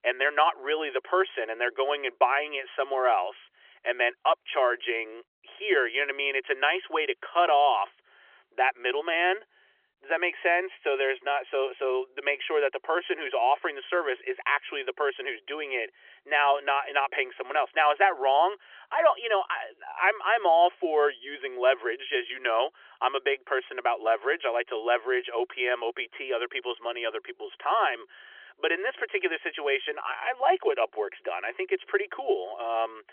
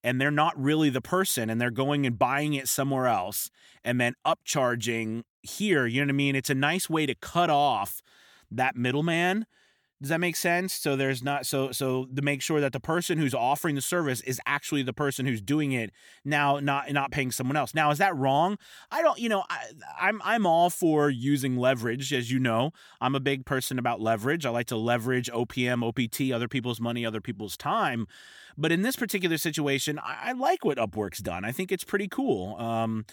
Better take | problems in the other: second | phone-call audio; nothing above 3.5 kHz

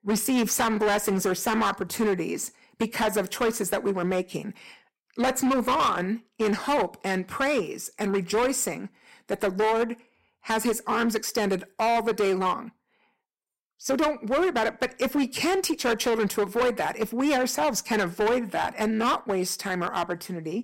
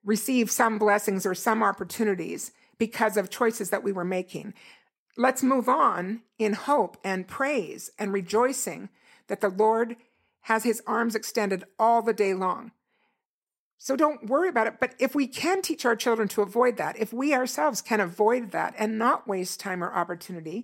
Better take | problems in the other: second | distortion; heavy; 13% of the sound clipped

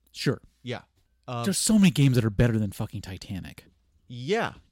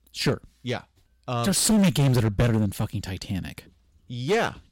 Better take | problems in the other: first | distortion; heavy; 10% of the sound clipped

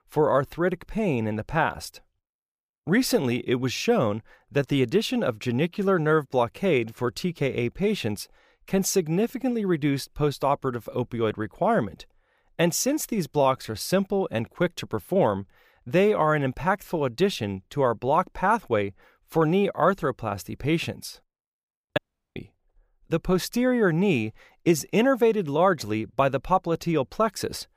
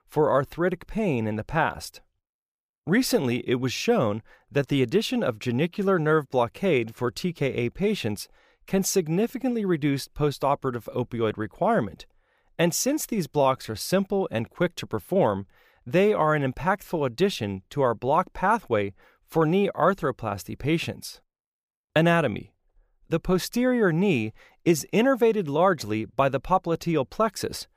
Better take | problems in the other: second | audio cutting out; at 22 s

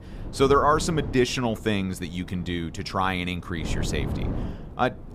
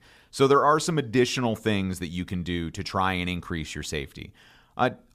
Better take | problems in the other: second | wind noise on the microphone; occasional gusts; 15 dB below the speech

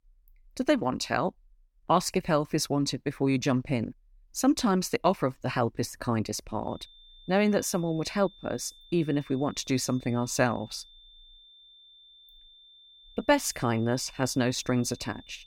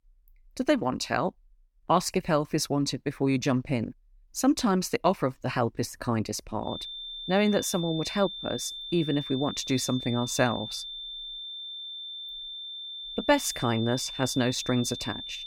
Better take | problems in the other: first | high-pitched whine; loud; from 6.5 s on; 3.5 kHz, 8 dB below the speech; faint in the first

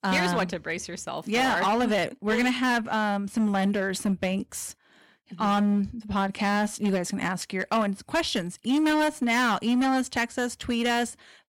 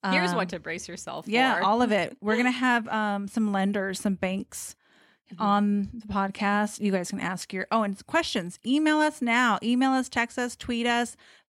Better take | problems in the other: second | distortion; slight; 11% of the sound clipped

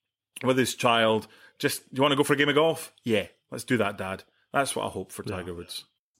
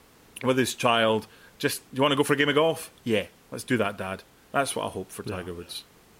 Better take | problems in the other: first | hiss; faint; throughout; 30 dB below the speech

